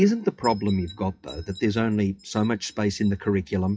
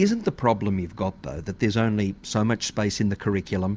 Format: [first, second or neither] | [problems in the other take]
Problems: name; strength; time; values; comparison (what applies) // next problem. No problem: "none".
second | noise reduction (classical method WPE with log-MMSE)